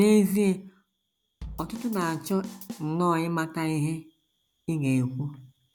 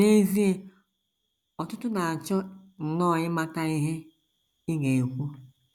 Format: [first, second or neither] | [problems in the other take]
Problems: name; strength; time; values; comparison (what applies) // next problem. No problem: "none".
second | background sound (Drum kit); 16 dB below the speech